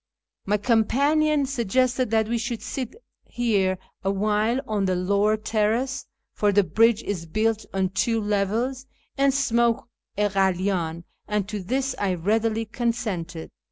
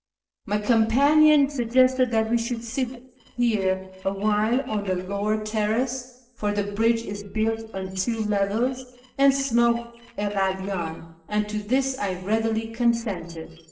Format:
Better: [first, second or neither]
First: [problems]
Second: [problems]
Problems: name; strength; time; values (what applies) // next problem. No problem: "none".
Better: first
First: none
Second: noise reduction (neural separator model SepFormer DNS4)